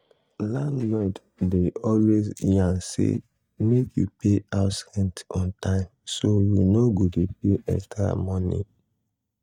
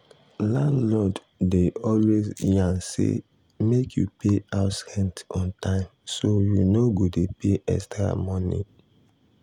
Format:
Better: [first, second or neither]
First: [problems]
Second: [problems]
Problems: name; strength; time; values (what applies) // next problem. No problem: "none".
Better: second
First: noise reduction (neural mask model DeepFilterNet 3)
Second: none